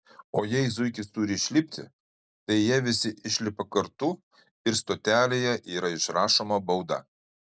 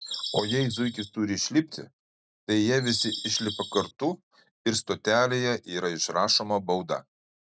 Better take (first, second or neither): first